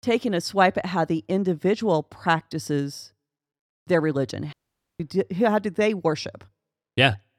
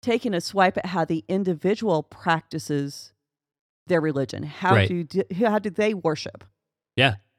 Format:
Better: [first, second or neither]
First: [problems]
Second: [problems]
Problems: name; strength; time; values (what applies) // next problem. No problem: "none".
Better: second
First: audio cutting out; at 4.5 s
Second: none